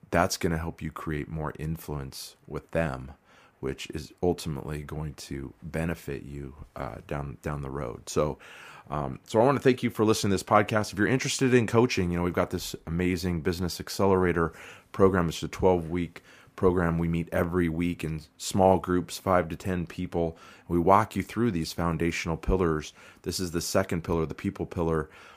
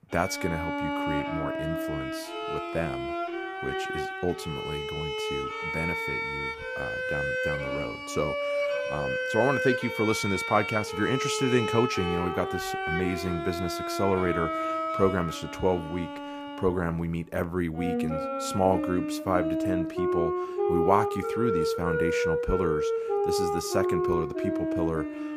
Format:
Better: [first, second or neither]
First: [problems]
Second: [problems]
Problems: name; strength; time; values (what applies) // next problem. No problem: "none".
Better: first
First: none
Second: background music; very loud; throughout; as loud as the speech